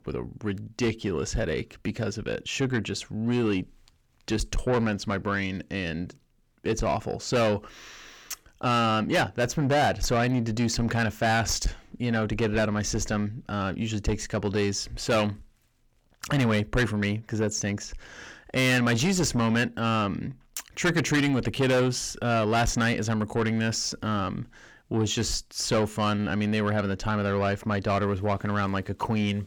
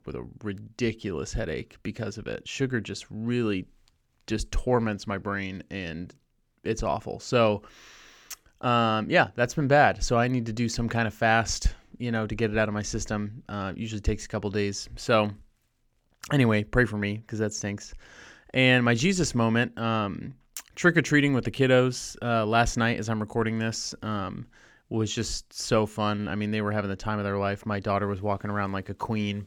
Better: second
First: distortion; heavy; 8 dB below the speech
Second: none

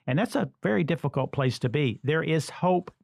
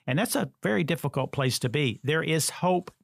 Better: second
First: muffled; slightly; fading above 2 kHz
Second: none

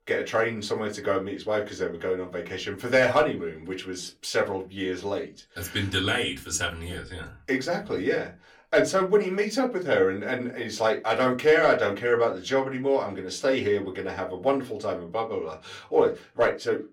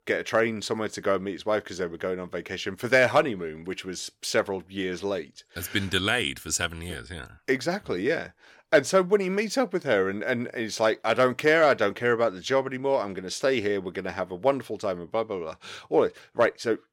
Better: second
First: off-mic speech; far // room echo; very slight; dies away in 0.2 s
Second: none

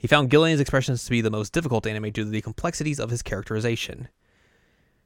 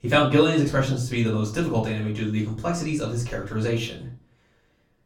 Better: first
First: none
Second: off-mic speech; far // room echo; slight; dies away in 0.4 s

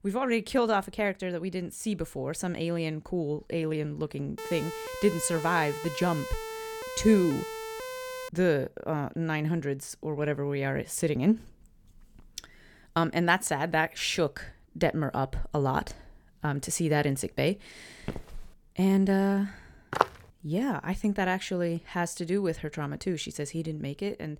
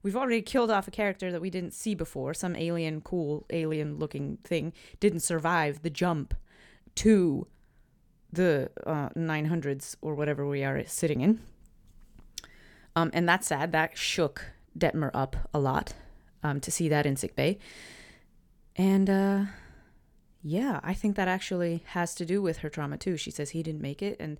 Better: second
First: siren; noticeable; from 4.5 to 8.5 s; peak 8 dB below the speech // footsteps; faint; at 18 s; peak 10 dB below the speech // footsteps; loud; at 20 s; peak level with the speech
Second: none

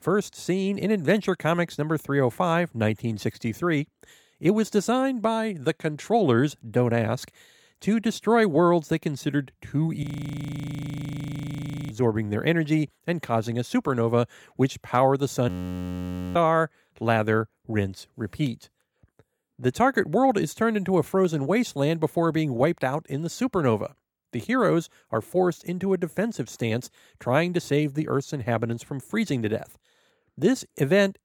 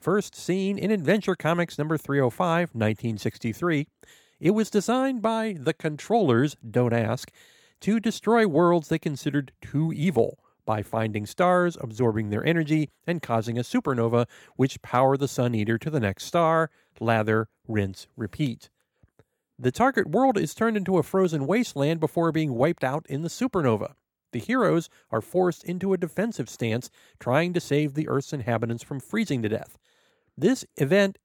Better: second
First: audio freezing; at 10 s for 2 s and at 15 s for 1 s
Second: none

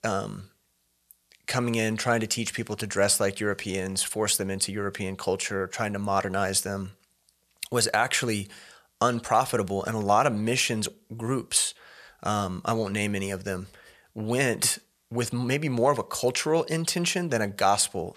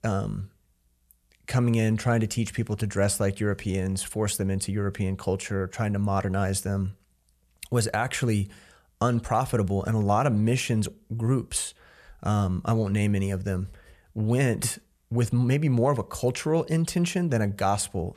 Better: second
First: thin; somewhat; fading below 500 Hz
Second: none

